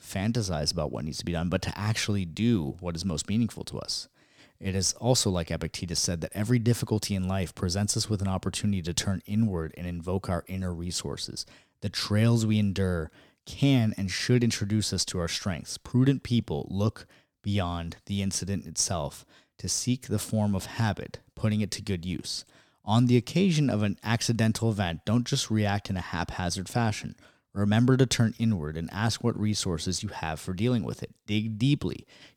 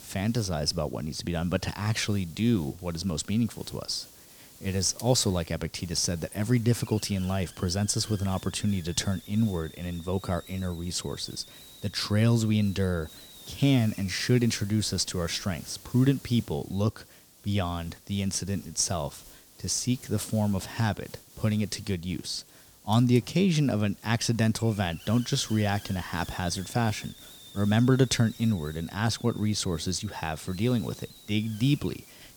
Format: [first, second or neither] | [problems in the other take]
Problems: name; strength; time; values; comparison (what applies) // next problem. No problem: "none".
first | hiss; noticeable; throughout; 20 dB below the speech